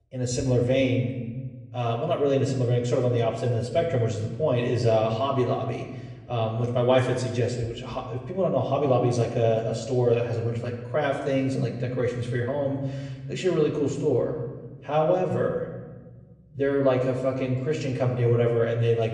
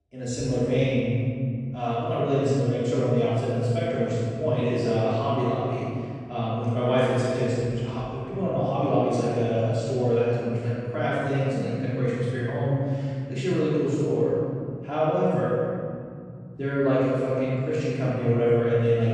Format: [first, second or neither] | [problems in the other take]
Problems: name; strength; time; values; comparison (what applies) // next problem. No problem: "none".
first | room echo; strong; dies away in 2.8 s; slight in the first // off-mic speech; far; far in the first